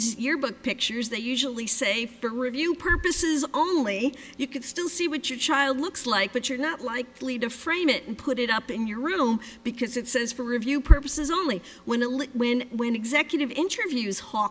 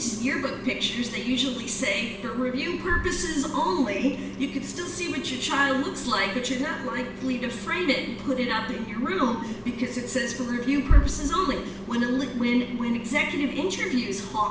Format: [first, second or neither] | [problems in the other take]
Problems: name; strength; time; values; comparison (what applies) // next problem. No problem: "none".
first | background sound (Engine); 12 dB below the speech // room echo; dies away in 0.8 s